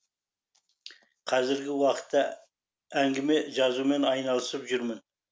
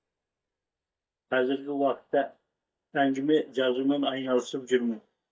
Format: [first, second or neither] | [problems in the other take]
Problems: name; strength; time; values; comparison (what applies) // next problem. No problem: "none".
first | noise reduction (neural mask model DeepFilterNet 3)